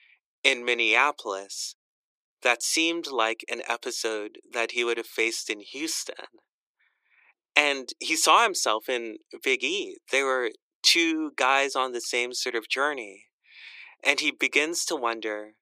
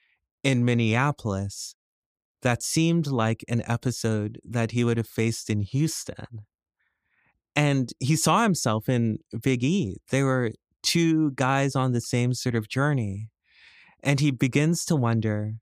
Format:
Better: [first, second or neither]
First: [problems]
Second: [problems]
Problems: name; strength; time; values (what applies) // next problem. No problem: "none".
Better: second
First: thin; very; fading below 350 Hz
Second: none